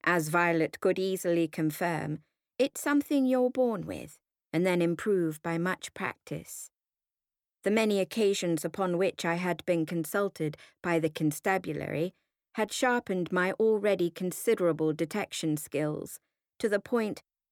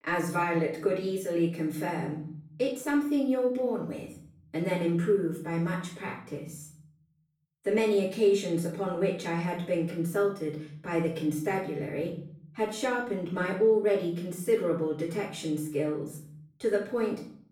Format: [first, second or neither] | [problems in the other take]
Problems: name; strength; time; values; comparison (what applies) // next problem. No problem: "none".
first | off-mic speech; far // room echo; noticeable; dies away in 0.7 s